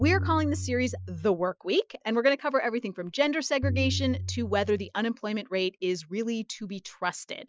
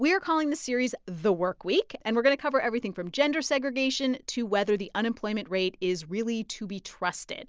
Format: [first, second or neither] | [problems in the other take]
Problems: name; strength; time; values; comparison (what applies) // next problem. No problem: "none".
second | noise reduction (classical method Wiener filter)